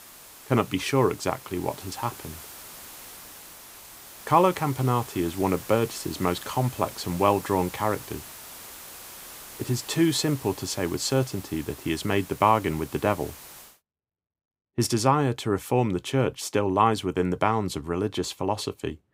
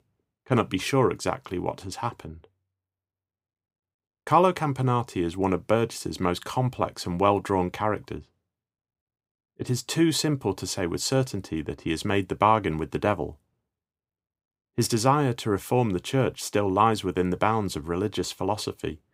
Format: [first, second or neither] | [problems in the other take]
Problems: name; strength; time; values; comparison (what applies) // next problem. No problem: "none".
second | hiss; noticeable; until 14 s; 15 dB below the speech